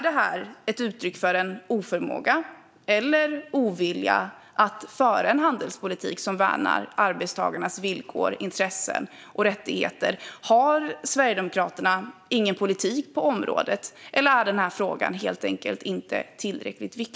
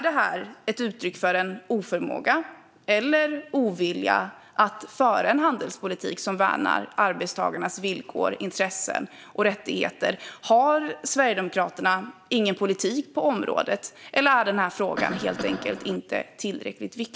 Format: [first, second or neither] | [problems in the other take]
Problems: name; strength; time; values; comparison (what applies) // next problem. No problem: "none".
first | background sound (Cough); 9 dB below the speech